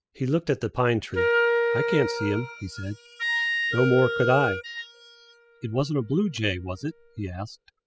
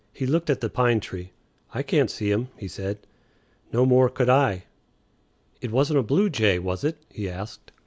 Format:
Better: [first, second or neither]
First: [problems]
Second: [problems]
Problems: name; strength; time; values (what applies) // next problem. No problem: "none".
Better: second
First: noise reduction (classical method spectral subtraction)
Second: none